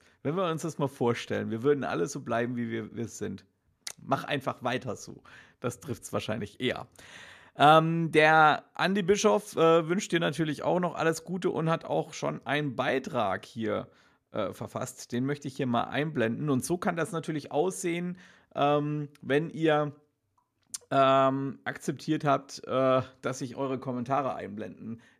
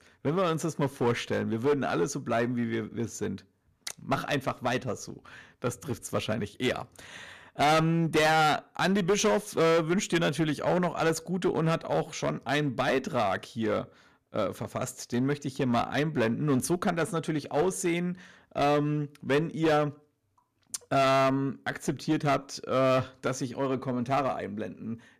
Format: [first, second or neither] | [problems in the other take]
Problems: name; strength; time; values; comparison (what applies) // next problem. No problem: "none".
first | distortion; heavy; 7% of the sound clipped